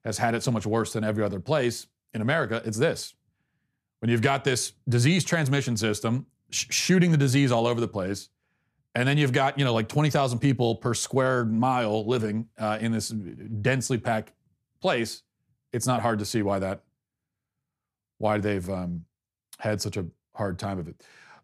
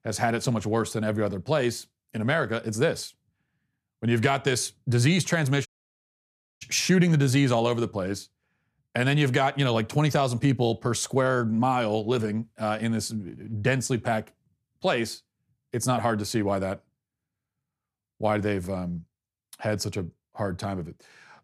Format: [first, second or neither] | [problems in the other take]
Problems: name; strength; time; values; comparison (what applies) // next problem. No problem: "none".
first | audio cutting out; at 5.5 s for 1 s